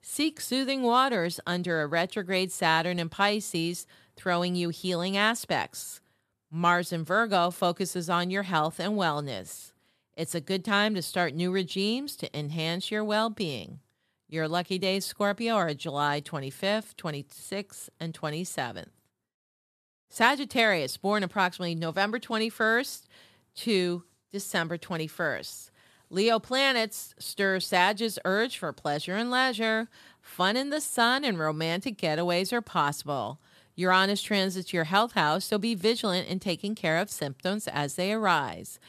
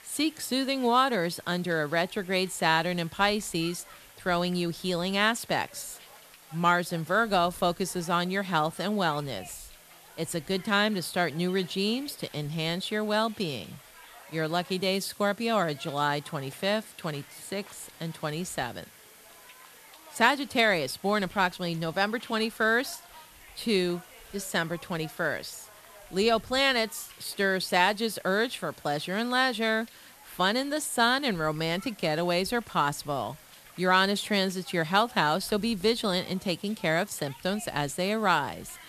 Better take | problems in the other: first | hiss; faint; throughout; 20 dB below the speech

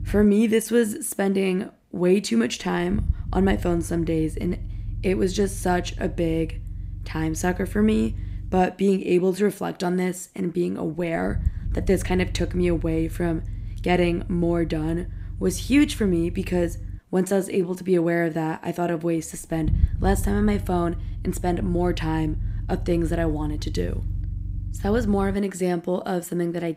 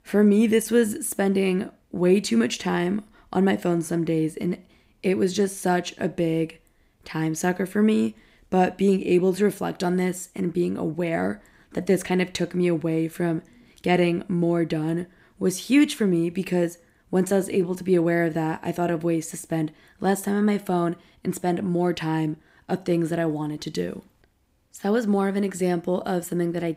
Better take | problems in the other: second | low rumble; faint; throughout; 20 dB below the speech

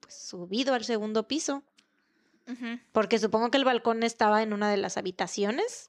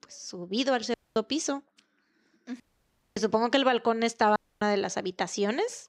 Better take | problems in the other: first | audio cutting out; at 1 s, at 2.5 s for 0.5 s and at 4.5 s

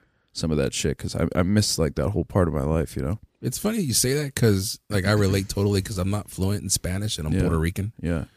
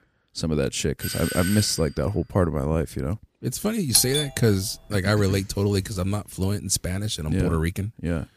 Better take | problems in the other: first | doorbell; noticeable; at 1 s; peak 4 dB below the speech // doorbell; loud; at 4 s; peak 4 dB above the speech

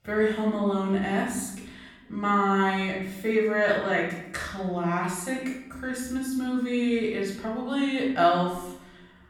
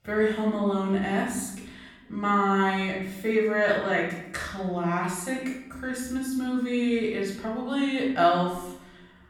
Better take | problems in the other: neither | off-mic speech; far; the same in both // room echo; noticeable; dies away in 0.8 s; the same in both

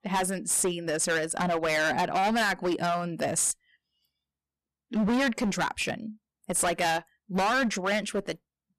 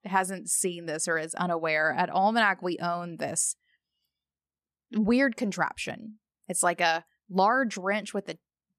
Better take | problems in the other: second | distortion; heavy; 16% of the sound clipped

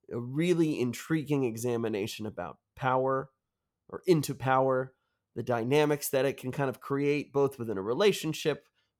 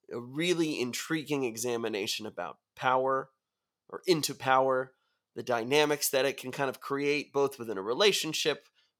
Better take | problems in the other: first | thin; very slightly; fading below 900 Hz

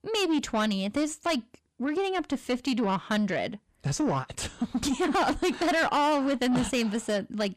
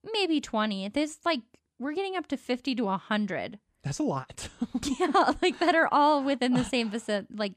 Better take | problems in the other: second | distortion; heavy; 8 dB below the speech

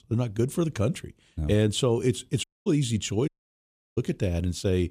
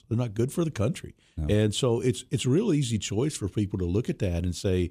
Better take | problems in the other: second | audio cutting out; at 2.5 s and at 3.5 s for 0.5 s

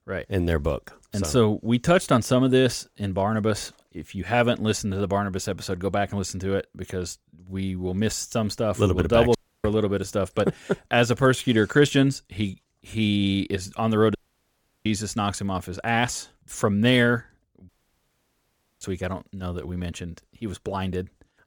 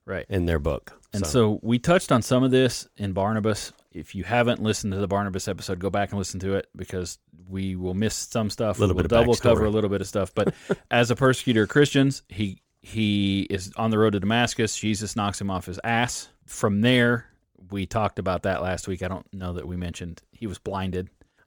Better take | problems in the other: second | audio cutting out; at 9.5 s, at 14 s for 0.5 s and at 18 s for 1 s

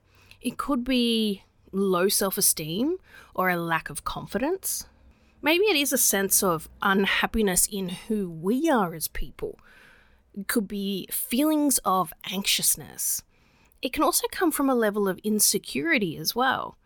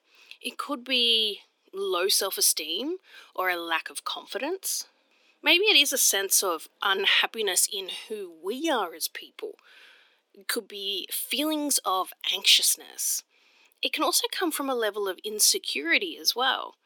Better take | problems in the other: first | thin; somewhat; fading below 300 Hz

